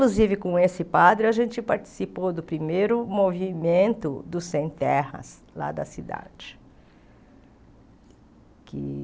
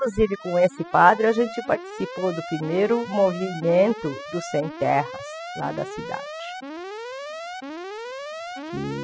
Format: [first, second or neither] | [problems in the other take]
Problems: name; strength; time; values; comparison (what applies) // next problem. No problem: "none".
first | noise reduction (classical method spectral subtraction)